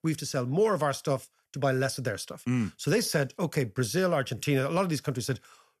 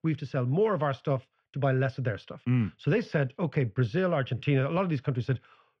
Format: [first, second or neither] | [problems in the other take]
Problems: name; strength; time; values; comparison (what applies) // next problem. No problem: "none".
first | muffled; very; fading above 3 kHz